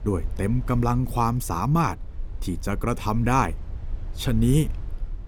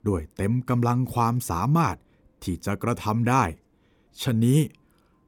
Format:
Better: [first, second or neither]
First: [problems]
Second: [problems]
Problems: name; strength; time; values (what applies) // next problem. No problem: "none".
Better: second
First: low rumble; faint; throughout; 25 dB below the speech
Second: none